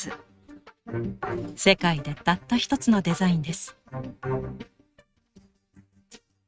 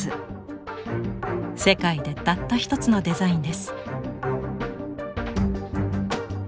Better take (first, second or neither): second